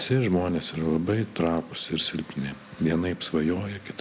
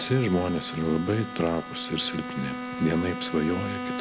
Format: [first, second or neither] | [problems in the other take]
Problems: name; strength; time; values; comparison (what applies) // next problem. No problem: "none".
first | background sound (Bowed string instrument); 8 dB below the speech